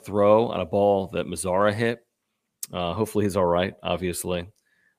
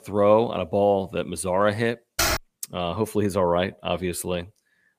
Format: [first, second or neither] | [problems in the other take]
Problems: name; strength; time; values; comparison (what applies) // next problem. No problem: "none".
first | keyboard typing; loud; at 2 s; peak 1 dB above the speech